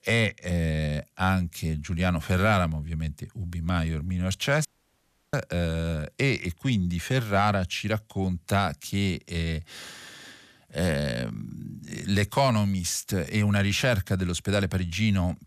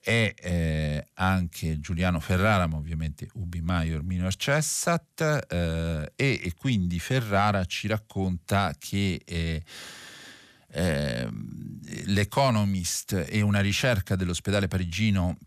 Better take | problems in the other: second | audio cutting out; at 4.5 s for 0.5 s

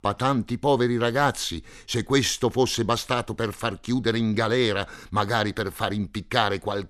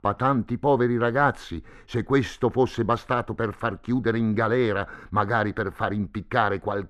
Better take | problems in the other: first | muffled; very; fading above 3 kHz

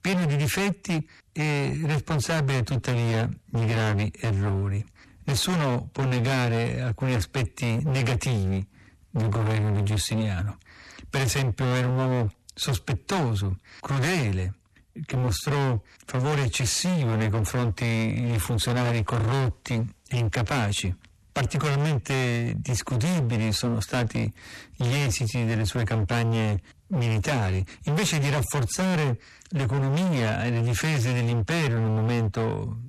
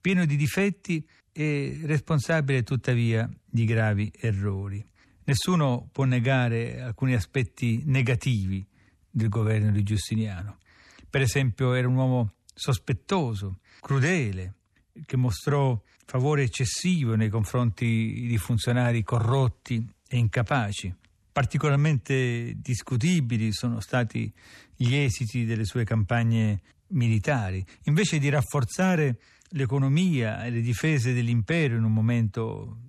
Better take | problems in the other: second | distortion; heavy; 39% of the sound clipped

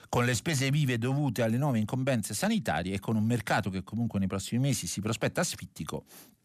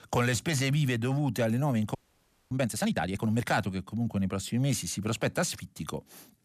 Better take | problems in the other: first | audio freezing; at 2 s for 0.5 s

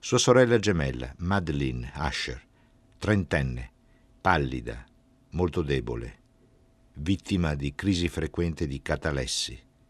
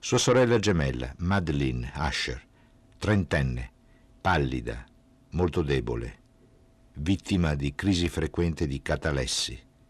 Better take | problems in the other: first | distortion; slight; 10 dB below the speech

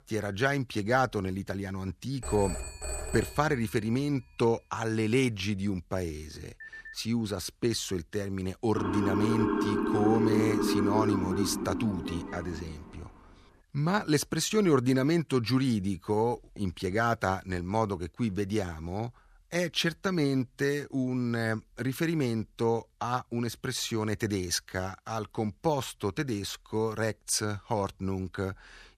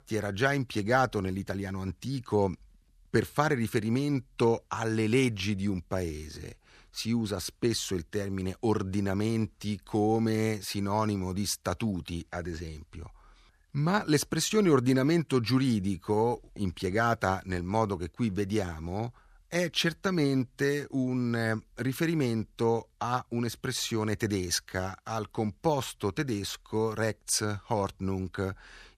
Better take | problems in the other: second | phone ringing; noticeable; from 2 to 4 s; peak 5 dB below the speech // phone ringing; faint; at 6.5 s; peak 15 dB below the speech // siren; loud; from 9 to 13 s; peak 3 dB above the speech

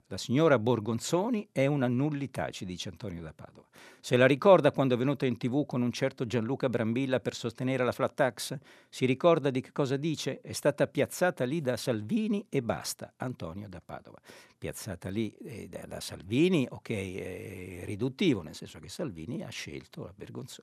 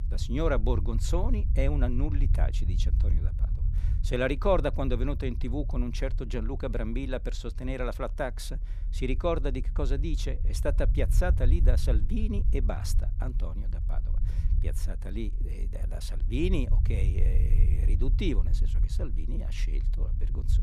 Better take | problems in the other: first | low rumble; noticeable; throughout; 15 dB below the speech

